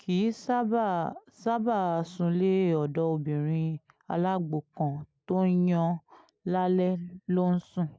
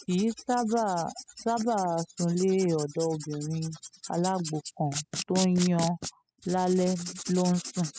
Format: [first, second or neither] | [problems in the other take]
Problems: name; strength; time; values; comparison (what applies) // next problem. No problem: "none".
first | noise reduction (classical method spectral subtraction)